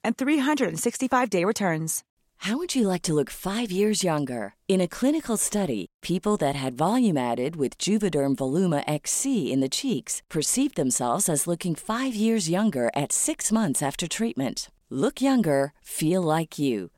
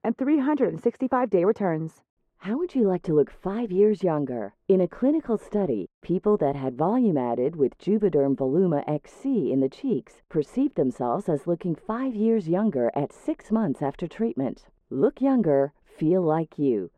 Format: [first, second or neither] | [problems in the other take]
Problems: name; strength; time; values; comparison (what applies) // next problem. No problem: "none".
first | muffled; very; fading above 3 kHz